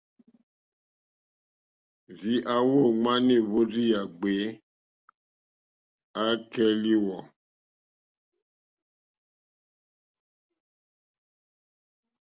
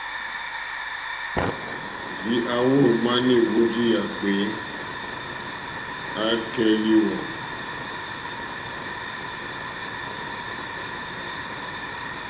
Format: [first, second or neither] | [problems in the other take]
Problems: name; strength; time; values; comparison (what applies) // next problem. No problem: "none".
first | background sound (Hiss / Fire); 6 dB below the speech // room echo; dies away in 0.7 s